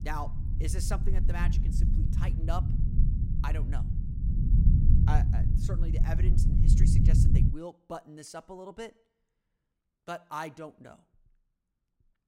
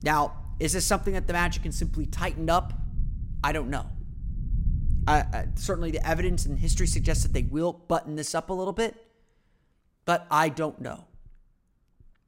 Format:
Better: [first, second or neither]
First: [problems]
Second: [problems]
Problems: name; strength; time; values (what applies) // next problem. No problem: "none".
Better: second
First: low rumble; loud; until 7.5 s; 2 dB below the speech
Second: low rumble; faint; until 7.5 s; 20 dB below the speech